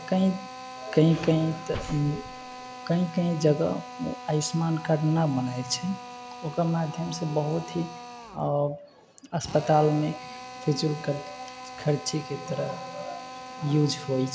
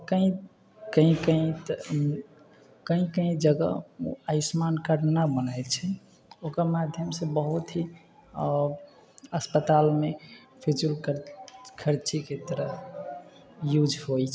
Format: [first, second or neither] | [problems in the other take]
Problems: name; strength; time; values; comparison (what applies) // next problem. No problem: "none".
second | background sound (Slam + Drill); 13 dB below the speech